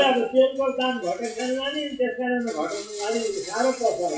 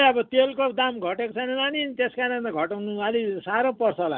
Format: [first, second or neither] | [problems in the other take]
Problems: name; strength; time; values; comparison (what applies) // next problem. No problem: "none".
second | noise reduction (classical method WPE with log-MMSE)